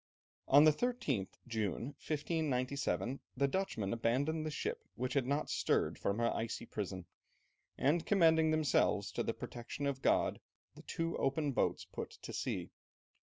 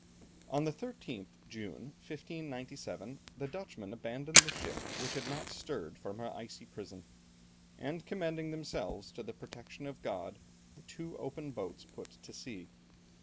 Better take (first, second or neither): first